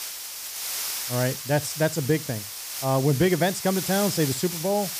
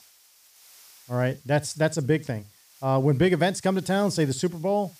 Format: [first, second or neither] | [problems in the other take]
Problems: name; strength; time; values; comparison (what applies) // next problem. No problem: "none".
second | hiss; loud; throughout; 5 dB below the speech; faint in the second